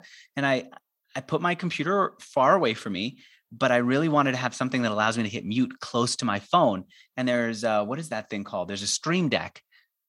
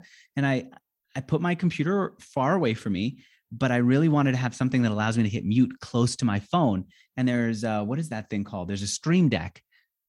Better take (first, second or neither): second